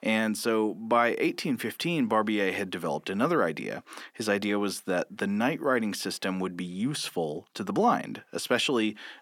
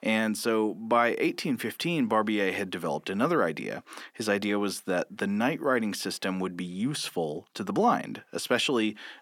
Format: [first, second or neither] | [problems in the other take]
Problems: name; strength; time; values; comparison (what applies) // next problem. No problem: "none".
neither | thin; somewhat; fading below 300 Hz; the same in both